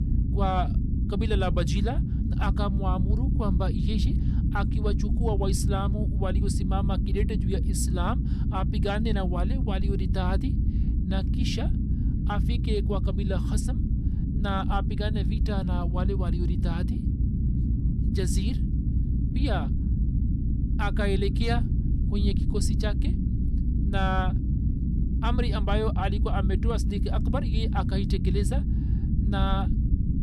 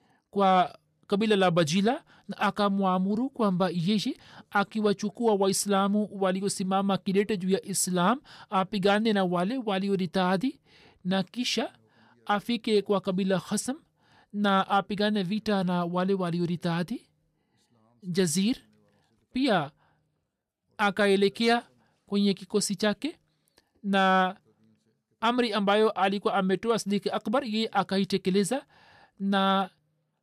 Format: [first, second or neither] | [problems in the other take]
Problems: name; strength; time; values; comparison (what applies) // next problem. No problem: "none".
second | low rumble; loud; throughout; 6 dB below the speech